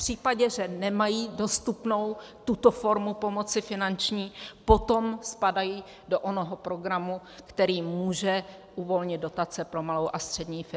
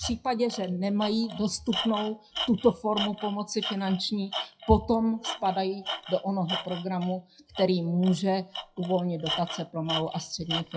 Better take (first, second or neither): first